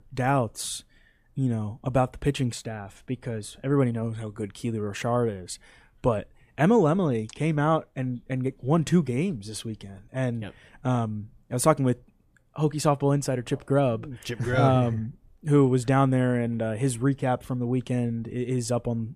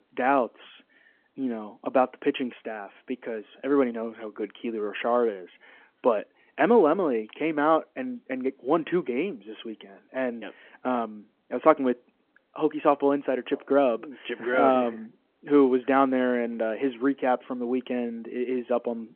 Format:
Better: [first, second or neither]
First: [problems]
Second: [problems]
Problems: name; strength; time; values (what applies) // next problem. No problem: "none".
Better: first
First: none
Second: phone-call audio